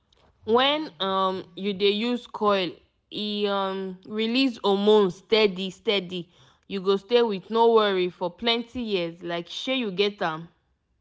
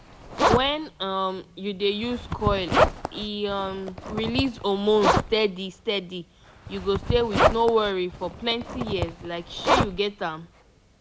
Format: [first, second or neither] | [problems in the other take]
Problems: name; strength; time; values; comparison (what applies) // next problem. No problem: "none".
first | background sound (Zipper (clothing)); 1 dB below the speech